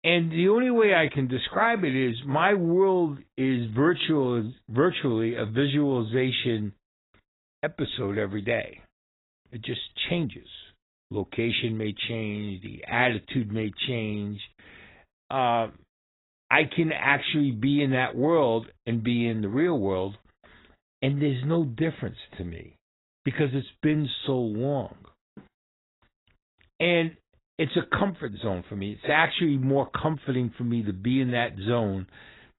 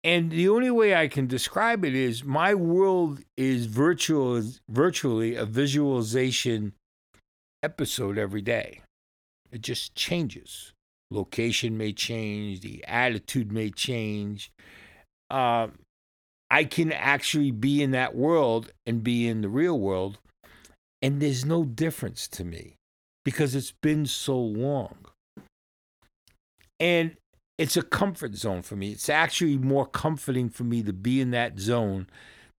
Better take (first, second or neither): second